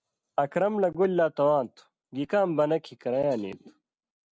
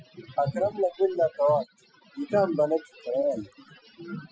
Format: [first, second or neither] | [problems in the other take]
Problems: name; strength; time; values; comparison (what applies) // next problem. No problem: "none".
first | noise reduction (classical method Wiener filter)